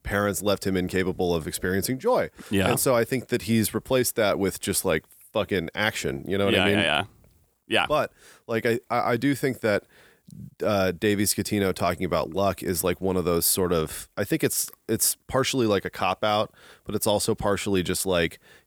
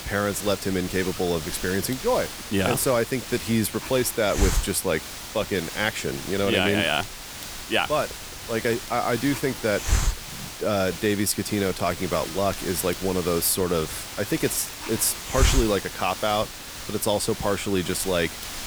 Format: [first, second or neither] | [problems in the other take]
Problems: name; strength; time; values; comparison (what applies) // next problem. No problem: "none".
first | hiss; loud; throughout; 7 dB below the speech